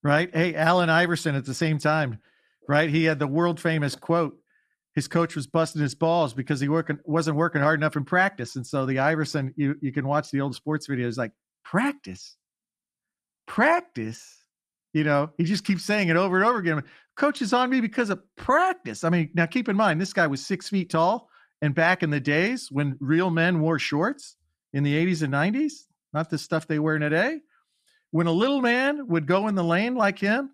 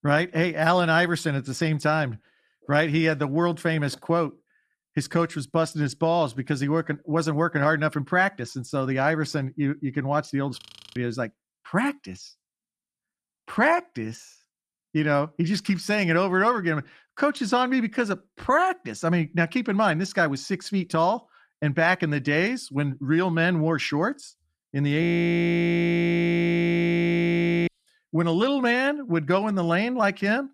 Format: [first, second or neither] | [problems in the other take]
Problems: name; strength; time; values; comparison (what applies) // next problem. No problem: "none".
first | audio freezing; at 11 s and at 25 s for 2.5 s